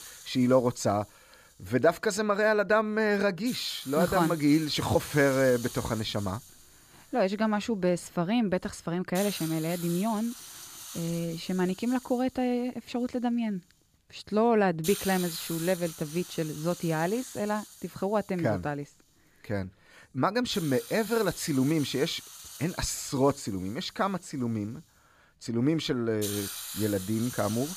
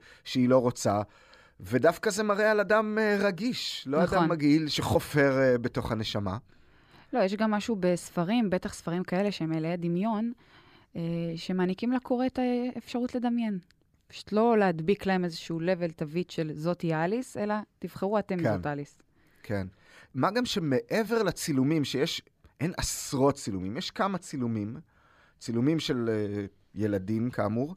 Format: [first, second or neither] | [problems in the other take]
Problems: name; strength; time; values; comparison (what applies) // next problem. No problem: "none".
second | hiss; noticeable; throughout; 10 dB below the speech